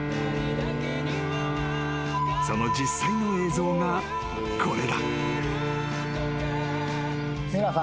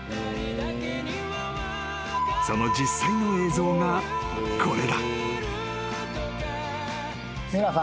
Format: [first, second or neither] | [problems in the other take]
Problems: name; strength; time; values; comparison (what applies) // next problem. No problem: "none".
second | background sound (Bowed string instrument); 3 dB below the speech